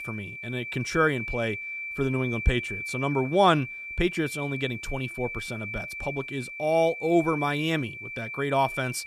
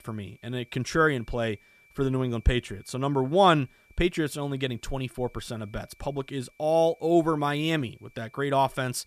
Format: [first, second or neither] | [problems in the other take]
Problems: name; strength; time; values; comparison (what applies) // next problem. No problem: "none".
second | high-pitched whine; loud; throughout; 2.5 kHz, 7 dB below the speech; faint in the second